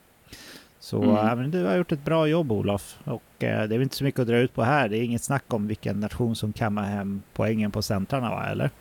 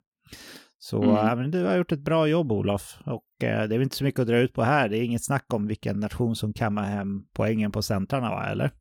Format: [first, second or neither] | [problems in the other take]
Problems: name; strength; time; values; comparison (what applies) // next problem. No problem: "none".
second | hiss; faint; throughout; 30 dB below the speech